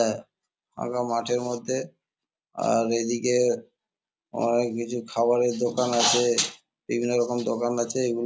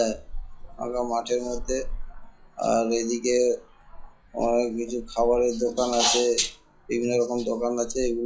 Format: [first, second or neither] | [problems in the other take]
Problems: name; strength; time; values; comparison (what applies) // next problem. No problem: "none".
first | noise reduction (classical method log-MMSE)